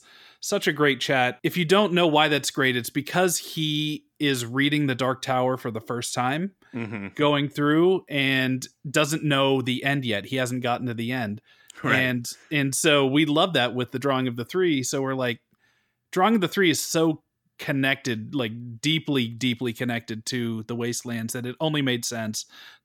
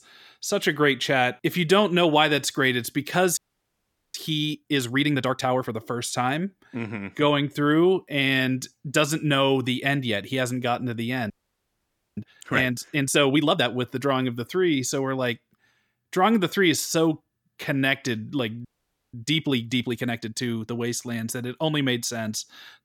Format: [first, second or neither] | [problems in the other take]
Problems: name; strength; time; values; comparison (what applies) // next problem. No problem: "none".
first | audio freezing; at 3.5 s for 1 s, at 11 s for 1 s and at 19 s